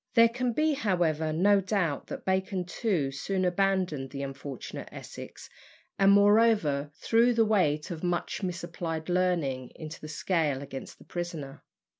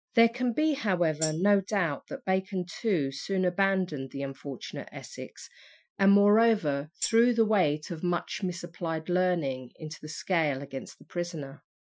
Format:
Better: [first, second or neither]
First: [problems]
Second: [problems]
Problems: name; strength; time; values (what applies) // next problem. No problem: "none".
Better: first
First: none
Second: noise reduction (classical method Wiener filter)